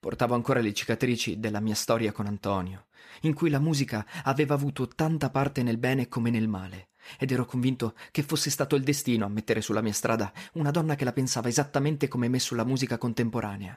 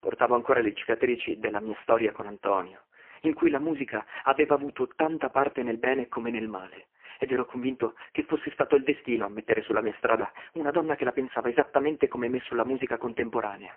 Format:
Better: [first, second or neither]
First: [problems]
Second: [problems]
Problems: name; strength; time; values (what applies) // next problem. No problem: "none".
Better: first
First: none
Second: phone-call audio; poor line